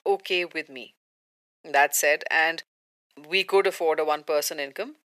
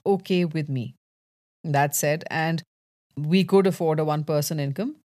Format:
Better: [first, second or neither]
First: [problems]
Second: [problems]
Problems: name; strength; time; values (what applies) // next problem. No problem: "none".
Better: second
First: thin; very; fading below 400 Hz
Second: none